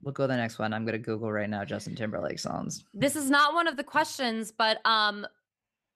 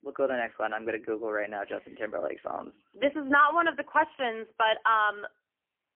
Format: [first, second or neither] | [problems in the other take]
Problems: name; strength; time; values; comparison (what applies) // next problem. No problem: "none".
first | phone-call audio; poor line; nothing above 3 kHz